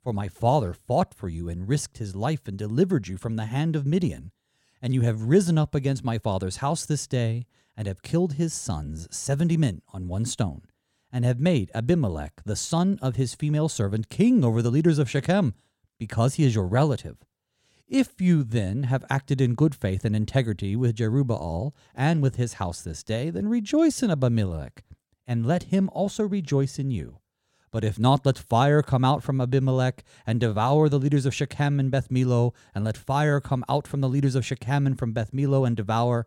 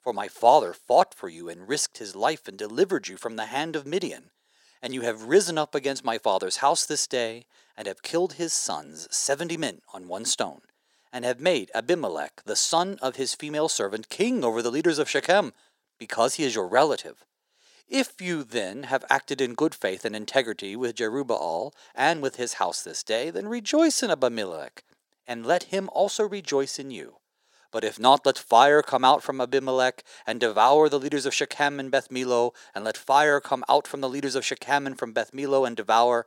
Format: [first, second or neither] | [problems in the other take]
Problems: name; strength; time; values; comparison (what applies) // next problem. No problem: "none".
first | thin; very; fading below 400 Hz